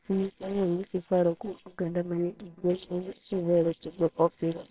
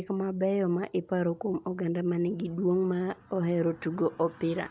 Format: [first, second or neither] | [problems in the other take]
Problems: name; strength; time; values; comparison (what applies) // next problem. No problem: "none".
second | noise reduction (neural separator model SepFormer WHAMR!)